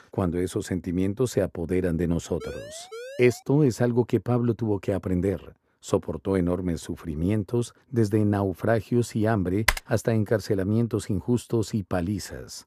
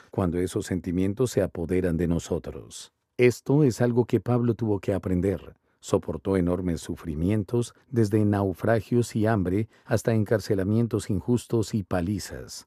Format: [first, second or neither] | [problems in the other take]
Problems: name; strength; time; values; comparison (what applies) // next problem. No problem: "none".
second | siren; faint; from 2.5 to 3.5 s; peak 15 dB below the speech // keyboard typing; loud; at 9.5 s; peak level with the speech